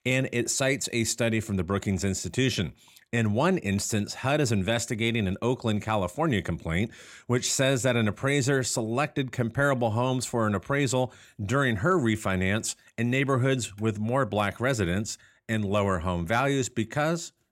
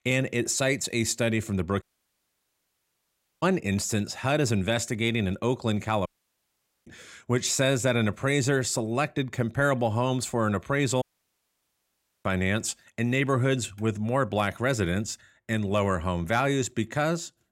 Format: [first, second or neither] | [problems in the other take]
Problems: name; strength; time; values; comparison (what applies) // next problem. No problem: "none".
first | audio cutting out; at 2 s for 1.5 s, at 6 s for 1 s and at 11 s for 1 s